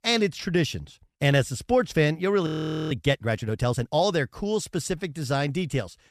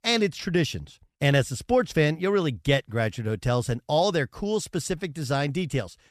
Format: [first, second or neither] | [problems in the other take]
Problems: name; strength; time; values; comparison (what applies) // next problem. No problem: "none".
second | audio freezing; at 2.5 s